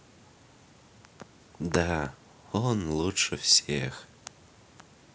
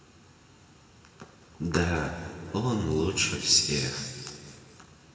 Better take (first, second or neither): first